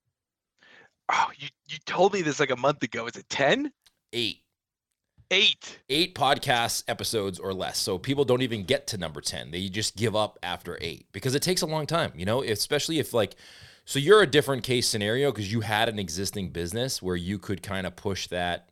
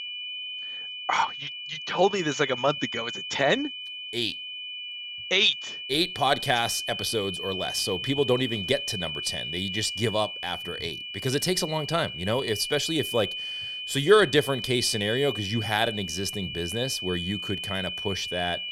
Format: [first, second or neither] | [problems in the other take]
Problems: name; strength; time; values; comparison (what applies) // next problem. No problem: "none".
first | high-pitched whine; loud; throughout; 3 kHz, 6 dB below the speech